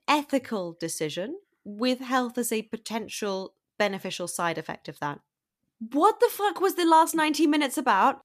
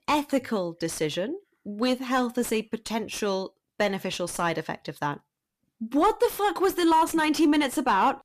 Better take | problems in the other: first | distortion; slight; 10 dB below the speech

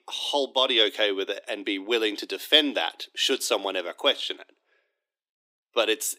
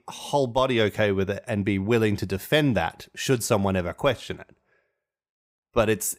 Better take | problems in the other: second | thin; somewhat; fading below 300 Hz

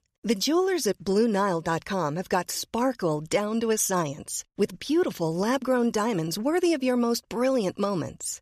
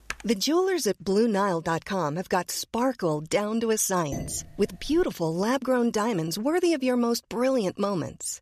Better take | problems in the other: first | keyboard typing; faint; at the start; peak 10 dB below the speech // clattering dishes; faint; at 4 s; peak 10 dB below the speech

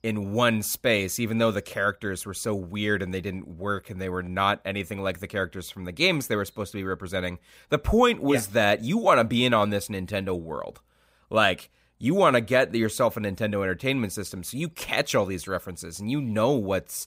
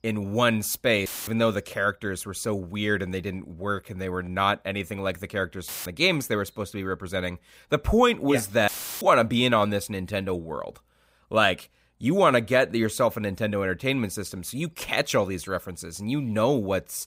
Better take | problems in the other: first | audio cutting out; filled with static; at 1 s, at 5.5 s and at 8.5 s

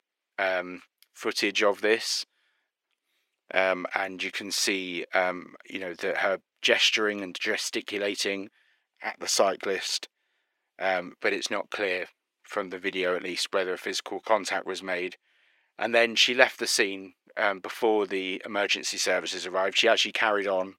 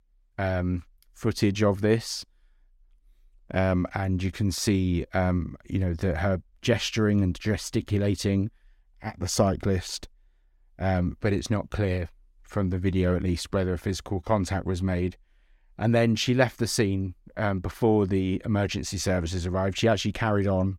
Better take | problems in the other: second | thin; very; fading below 400 Hz

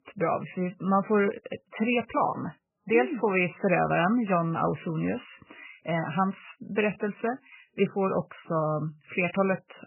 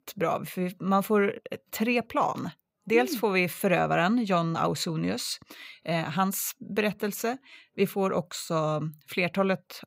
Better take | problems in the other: second | garbled, watery; badly; nothing above 3 kHz

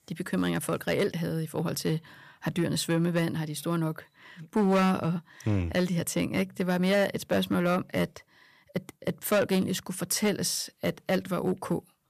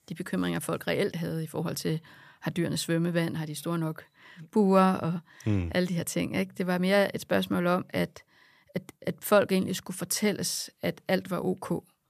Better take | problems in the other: second | distortion; slight; 5% of the sound clipped

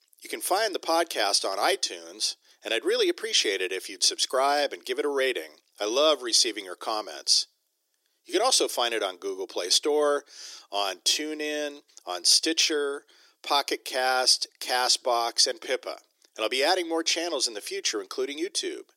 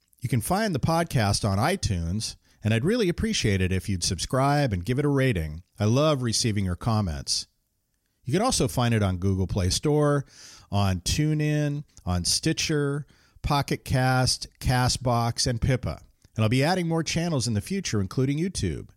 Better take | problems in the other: second | thin; very; fading below 350 Hz

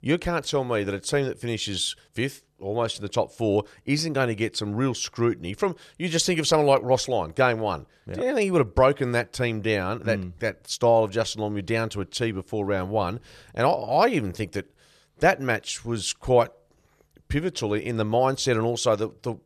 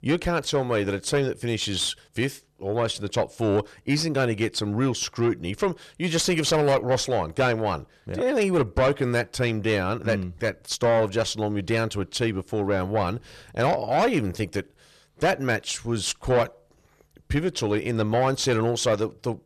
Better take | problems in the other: first | distortion; slight; 10 dB below the speech

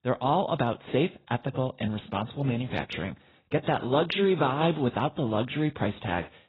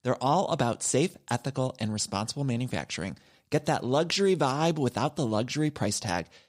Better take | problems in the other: second | garbled, watery; badly; nothing above 7.5 kHz

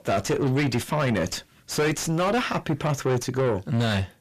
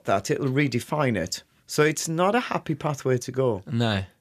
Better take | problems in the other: second | distortion; heavy; 6 dB below the speech

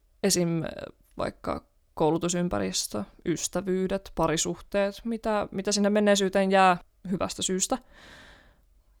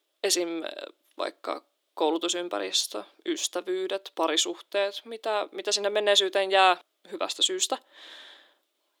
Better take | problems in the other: first | thin; very; fading below 300 Hz

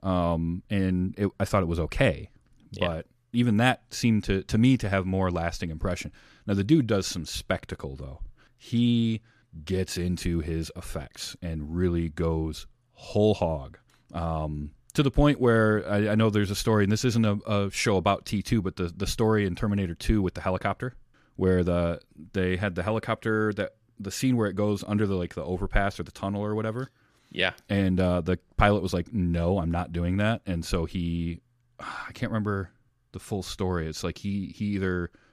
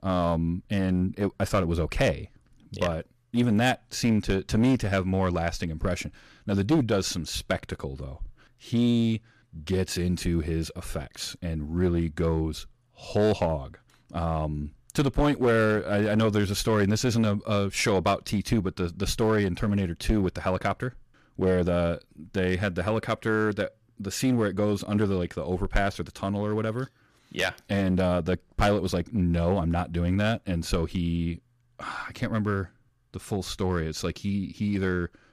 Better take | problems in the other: first | distortion; slight; 5% of the sound clipped

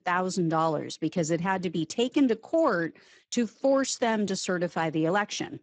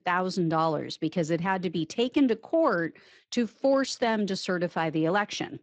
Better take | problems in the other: second | garbled, watery; badly; nothing above 7.5 kHz; slightly in the second

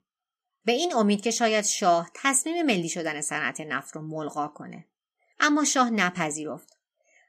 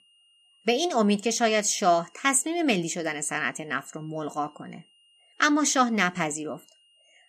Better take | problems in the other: first | high-pitched whine; faint; throughout; 3 kHz, 35 dB below the speech

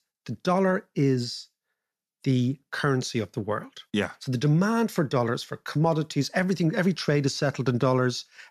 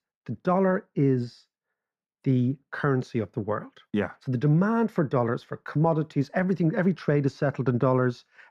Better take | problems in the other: first | muffled; very; fading above 3 kHz

